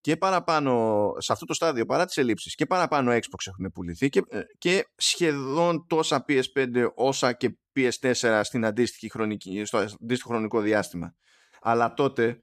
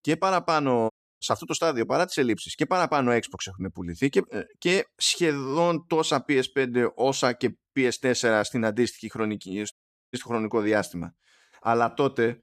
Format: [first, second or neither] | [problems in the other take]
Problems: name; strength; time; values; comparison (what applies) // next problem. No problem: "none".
first | audio cutting out; at 1 s and at 9.5 s